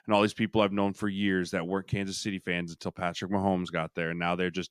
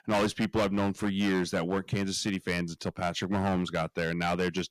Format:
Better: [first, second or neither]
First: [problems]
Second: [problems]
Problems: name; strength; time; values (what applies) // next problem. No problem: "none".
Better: first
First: none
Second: distortion; heavy; 10% of the sound clipped